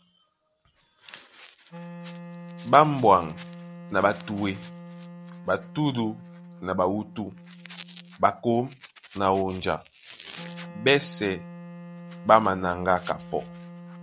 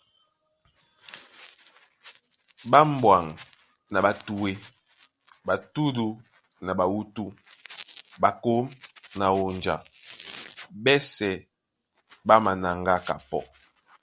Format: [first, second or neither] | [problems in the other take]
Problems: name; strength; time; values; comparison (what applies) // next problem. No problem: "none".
second | background sound (Wind instrument, woodwind instrument); 16 dB below the speech